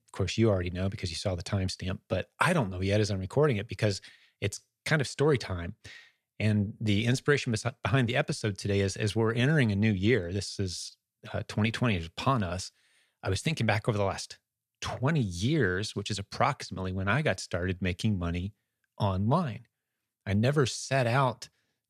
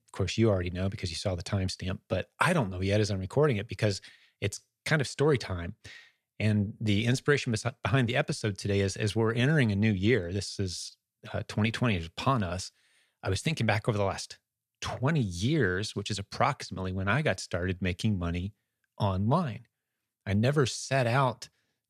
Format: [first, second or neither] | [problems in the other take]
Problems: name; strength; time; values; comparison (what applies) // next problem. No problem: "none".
neither | none